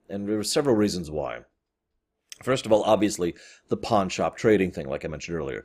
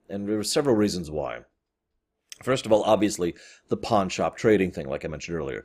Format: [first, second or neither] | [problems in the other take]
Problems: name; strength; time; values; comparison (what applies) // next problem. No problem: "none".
neither | none